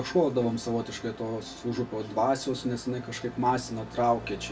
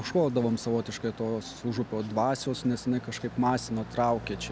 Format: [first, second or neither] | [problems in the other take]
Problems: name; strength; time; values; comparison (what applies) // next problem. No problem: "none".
second | room echo; dies away in 0.2 s